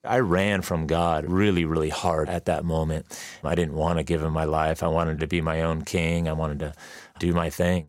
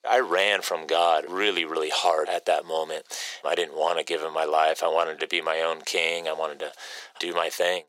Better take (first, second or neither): first